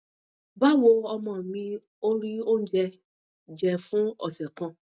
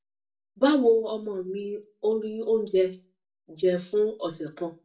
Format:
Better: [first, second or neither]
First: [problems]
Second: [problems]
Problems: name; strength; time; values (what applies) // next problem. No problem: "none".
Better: first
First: none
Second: room echo; dies away in 0.2 s